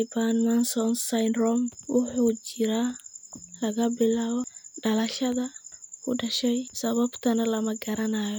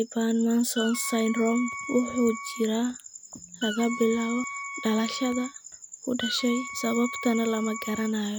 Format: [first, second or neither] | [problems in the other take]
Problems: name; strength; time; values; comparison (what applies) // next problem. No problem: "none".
first | background sound (Wind instrument, woodwind instrument); 11 dB below the speech